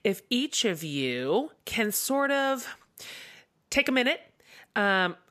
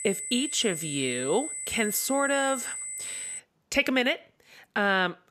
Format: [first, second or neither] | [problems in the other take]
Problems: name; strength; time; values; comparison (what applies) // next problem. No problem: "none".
first | high-pitched whine; loud; until 3.5 s; 8 kHz, 6 dB below the speech